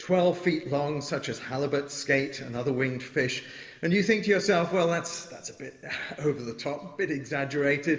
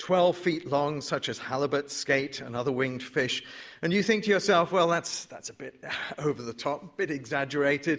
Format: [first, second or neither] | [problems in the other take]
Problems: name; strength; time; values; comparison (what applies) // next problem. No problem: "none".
second | room echo; dies away in 1.4 s